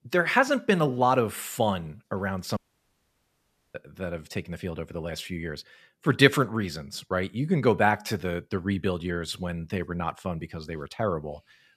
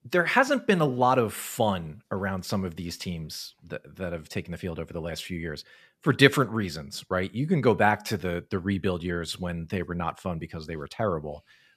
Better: second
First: audio cutting out; at 2.5 s for 1 s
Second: none

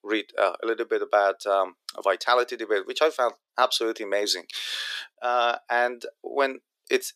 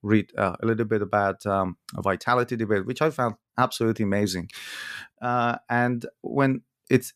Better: second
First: thin; very; fading below 350 Hz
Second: none

